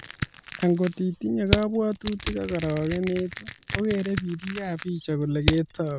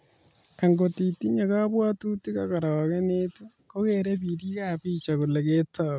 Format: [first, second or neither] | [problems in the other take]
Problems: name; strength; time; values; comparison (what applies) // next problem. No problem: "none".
second | background sound (Crushing); 6 dB below the speech